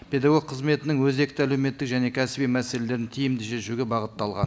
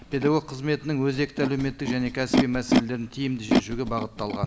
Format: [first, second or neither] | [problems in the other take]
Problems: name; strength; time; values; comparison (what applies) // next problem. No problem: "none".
first | background sound (Animal); 2 dB below the speech